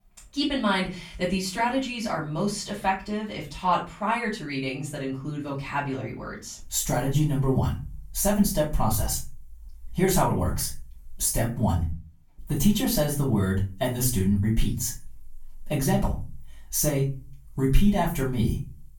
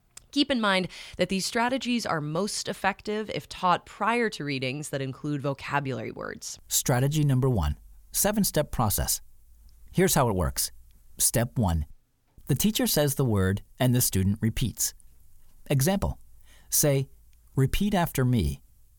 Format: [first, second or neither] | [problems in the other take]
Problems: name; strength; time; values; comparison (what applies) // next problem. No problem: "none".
second | off-mic speech; far // room echo; slight; dies away in 0.3 s